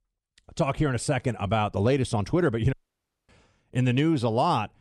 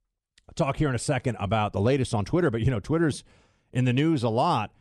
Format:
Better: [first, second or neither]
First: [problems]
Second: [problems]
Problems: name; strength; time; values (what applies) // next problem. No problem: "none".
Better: second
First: audio cutting out; at 2.5 s for 0.5 s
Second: none